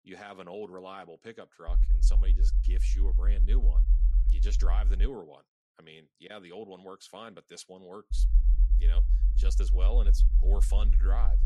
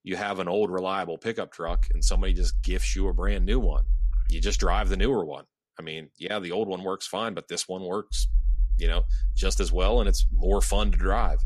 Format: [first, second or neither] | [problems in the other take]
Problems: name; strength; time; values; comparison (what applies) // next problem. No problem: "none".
second | low rumble; loud; from 1.5 to 5 s and from 8 s on; 7 dB below the speech; faint in the second